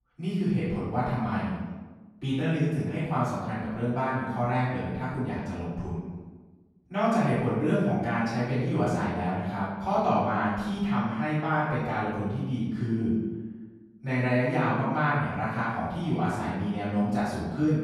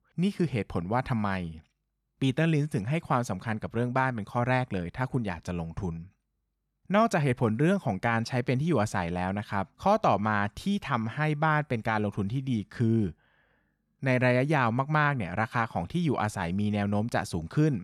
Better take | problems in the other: second | off-mic speech; far // room echo; strong; dies away in 1.2 s

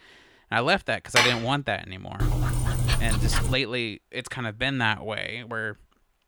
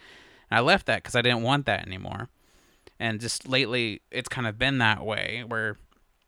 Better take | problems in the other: second | clattering dishes; loud; at 1 s; peak 6 dB above the speech // dog barking; loud; from 2 to 3.5 s; peak 2 dB above the speech

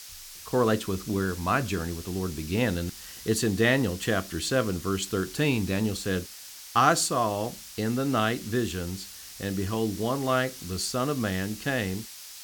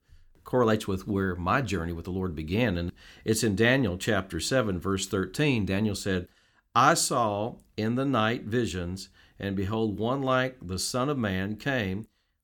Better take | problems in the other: second | hiss; noticeable; throughout; 15 dB below the speech

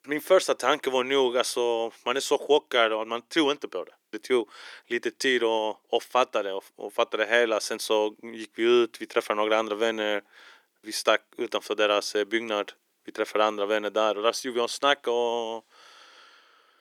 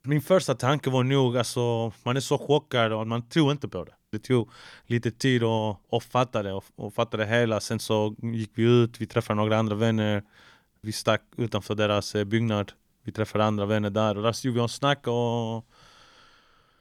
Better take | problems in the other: second | thin; very; fading below 350 Hz

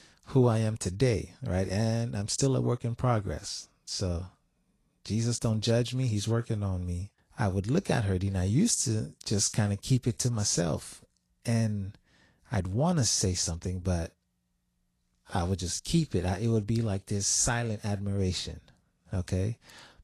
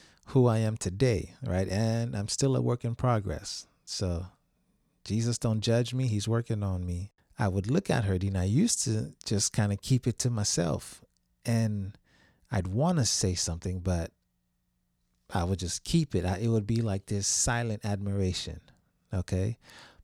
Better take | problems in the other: second | garbled, watery; slightly

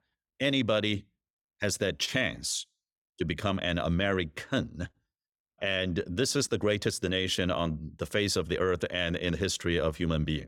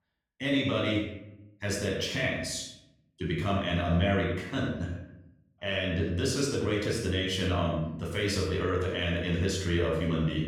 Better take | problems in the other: first | off-mic speech; far // room echo; noticeable; dies away in 0.7 s

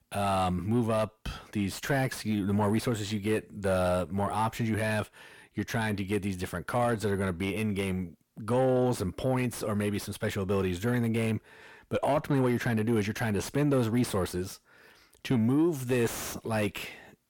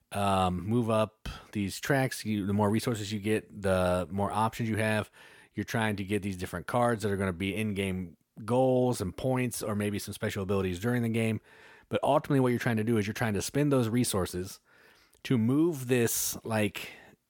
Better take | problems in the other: second | distortion; slight; 10 dB below the speech

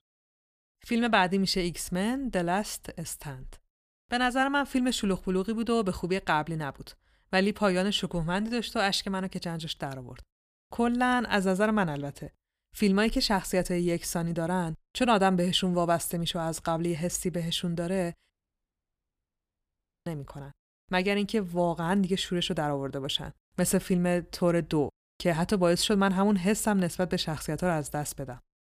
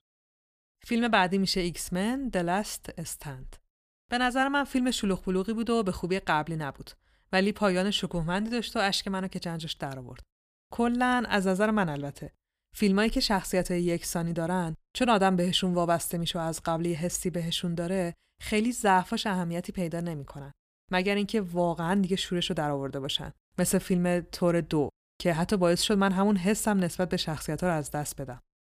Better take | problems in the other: second | audio cutting out; at 18 s for 2 s

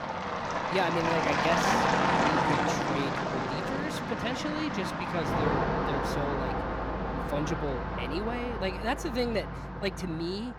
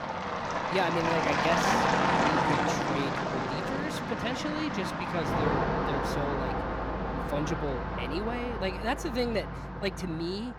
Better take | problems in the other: neither | traffic noise; very loud; throughout; 4 dB above the speech; the same in both

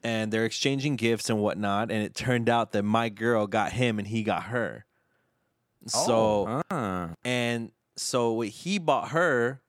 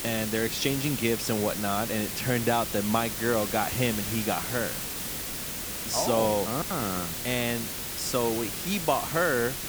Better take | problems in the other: first | hiss; loud; throughout; 2 dB below the speech

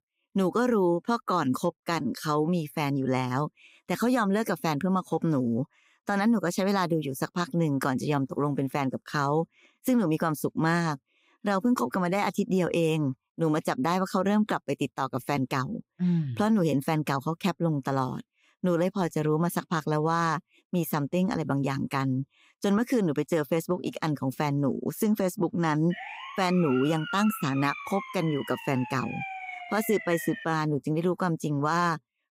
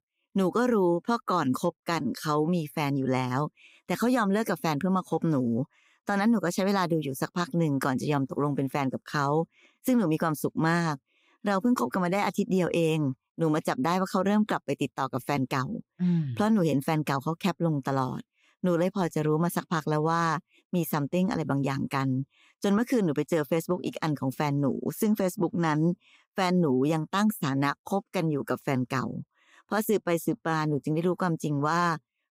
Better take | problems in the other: second | siren; noticeable; from 26 to 30 s; peak 8 dB below the speech

